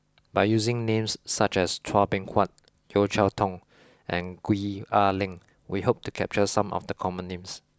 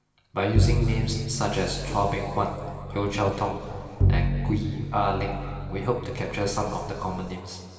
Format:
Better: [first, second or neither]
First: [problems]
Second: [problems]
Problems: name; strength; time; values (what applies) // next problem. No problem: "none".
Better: first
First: none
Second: background sound (Bowed string instrument); as loud as the speech // room echo; dies away in 2.6 s